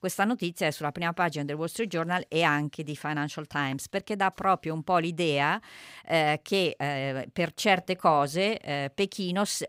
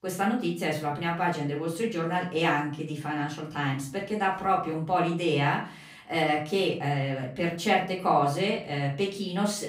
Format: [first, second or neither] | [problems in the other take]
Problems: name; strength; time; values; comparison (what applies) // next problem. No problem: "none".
first | room echo; slight; dies away in 0.4 s // off-mic speech; far